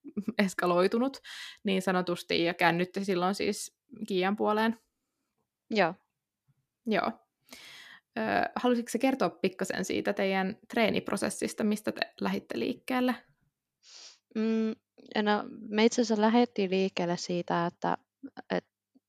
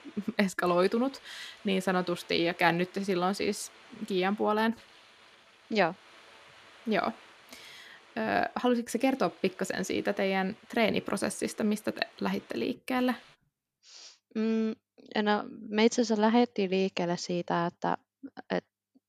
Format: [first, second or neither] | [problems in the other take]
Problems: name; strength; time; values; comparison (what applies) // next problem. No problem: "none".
first | hiss; faint; until 13 s; 25 dB below the speech